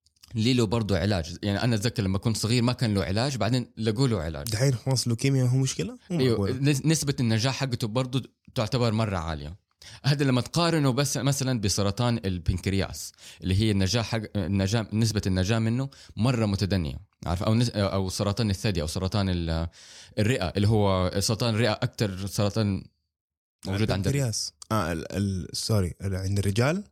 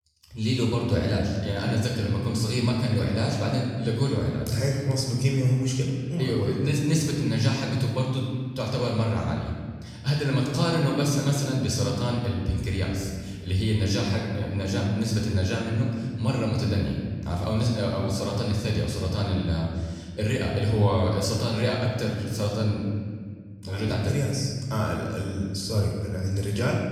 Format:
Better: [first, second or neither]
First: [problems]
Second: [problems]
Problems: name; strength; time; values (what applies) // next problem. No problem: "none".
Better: first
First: none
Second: off-mic speech; somewhat distant // room echo; noticeable; dies away in 1.8 s